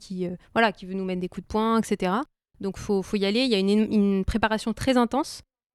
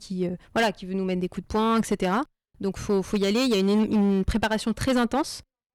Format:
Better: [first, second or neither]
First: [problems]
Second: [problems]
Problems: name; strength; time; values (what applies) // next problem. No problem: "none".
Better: first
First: none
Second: distortion; slight; 8% of the sound clipped